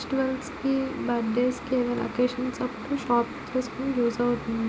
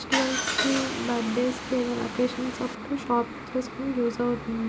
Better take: first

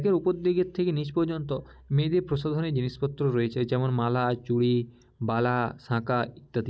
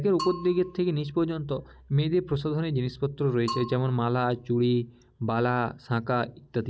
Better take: first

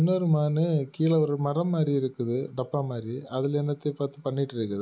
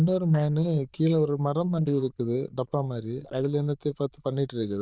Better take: first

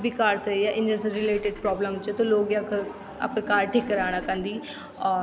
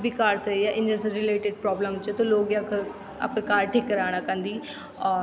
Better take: second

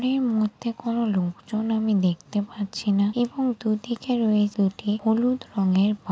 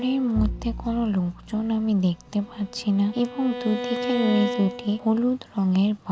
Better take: first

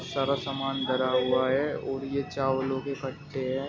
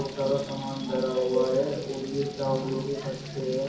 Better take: first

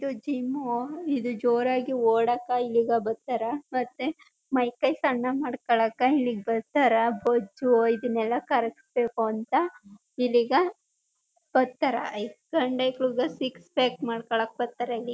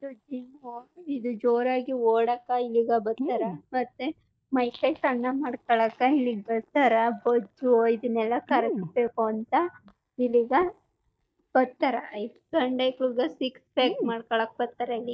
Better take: first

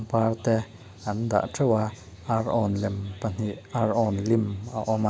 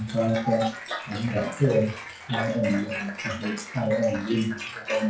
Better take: first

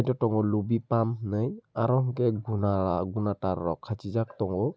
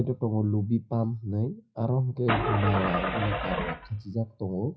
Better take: first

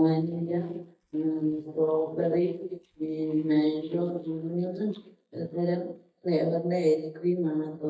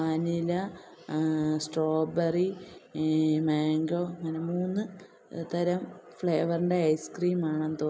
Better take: second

